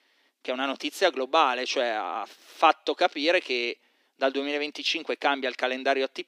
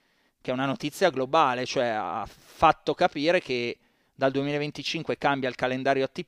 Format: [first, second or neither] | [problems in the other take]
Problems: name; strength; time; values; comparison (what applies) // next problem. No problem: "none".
second | thin; very slightly; fading below 250 Hz